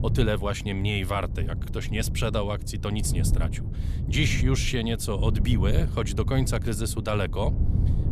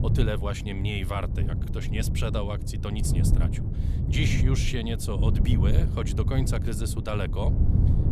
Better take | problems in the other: first | wind noise on the microphone; heavy; 5 dB below the speech; occasional gusts in the first

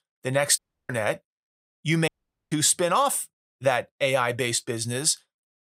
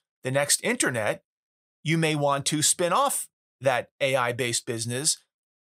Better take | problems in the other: second | audio cutting out; at 0.5 s and at 2 s

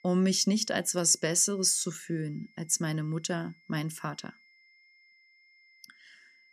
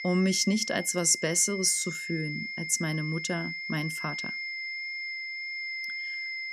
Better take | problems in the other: first | high-pitched whine; loud; throughout; 2 kHz, 6 dB below the speech; faint in the first

